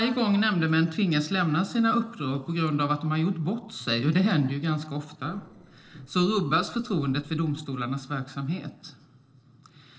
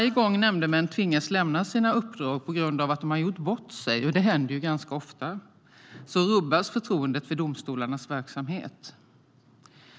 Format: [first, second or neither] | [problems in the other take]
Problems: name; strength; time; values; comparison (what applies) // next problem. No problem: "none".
second | noise reduction (neural separator model SepFormer DNS4)